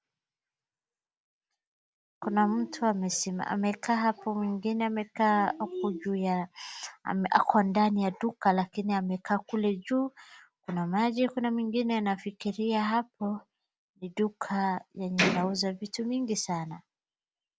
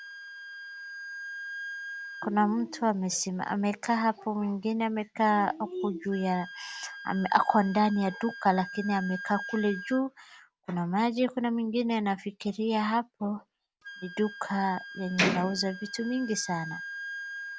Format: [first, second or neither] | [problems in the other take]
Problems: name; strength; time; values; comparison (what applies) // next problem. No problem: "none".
first | background sound (Wind instrument, woodwind instrument); 14 dB below the speech